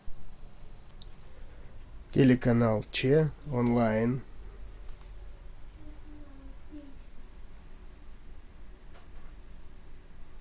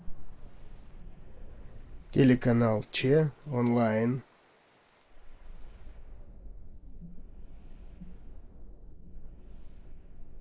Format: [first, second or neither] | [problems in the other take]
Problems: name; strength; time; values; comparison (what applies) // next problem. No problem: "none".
first | noise reduction (neural mask model Resemble Enhance denoiser)